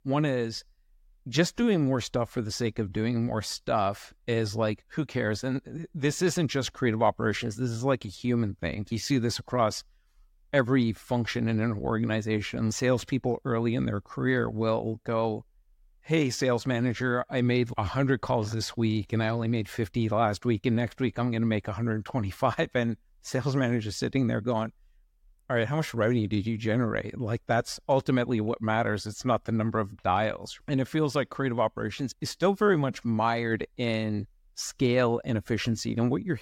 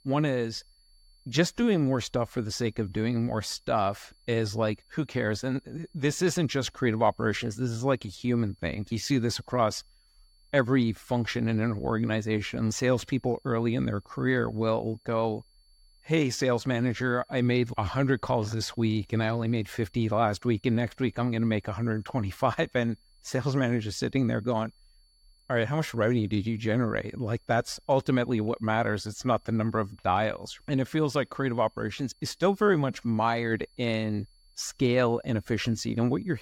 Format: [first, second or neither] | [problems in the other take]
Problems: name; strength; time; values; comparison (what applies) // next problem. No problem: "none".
first | high-pitched whine; faint; throughout; 4.5 kHz, 35 dB below the speech